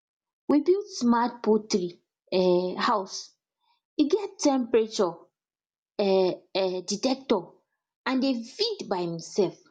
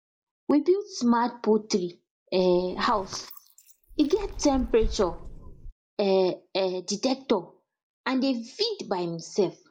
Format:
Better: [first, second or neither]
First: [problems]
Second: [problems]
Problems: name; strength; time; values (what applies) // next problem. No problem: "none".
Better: first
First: none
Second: noise reduction (neural mask model Resemble Enhance denoiser)